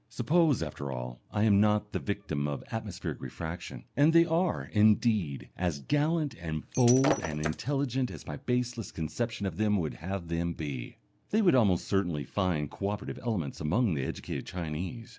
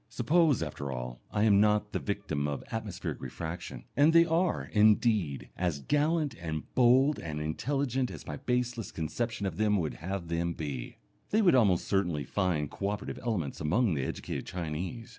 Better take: second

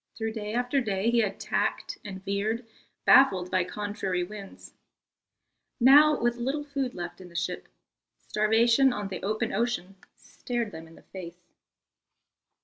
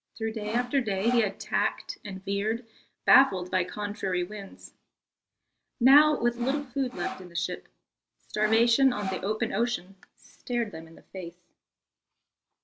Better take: first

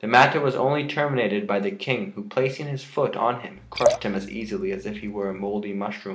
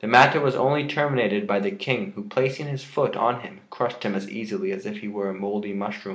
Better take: second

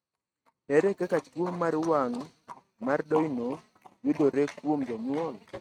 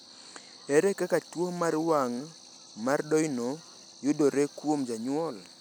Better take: second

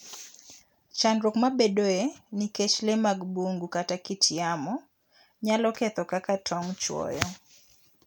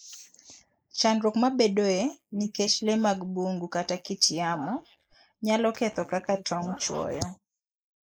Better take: first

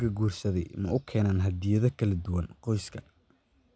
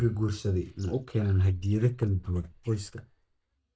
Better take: first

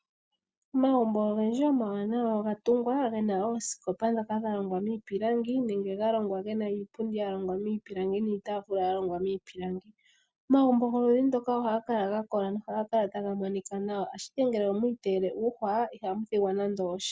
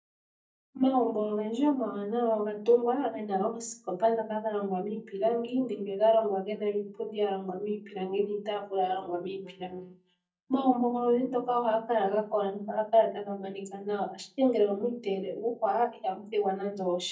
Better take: first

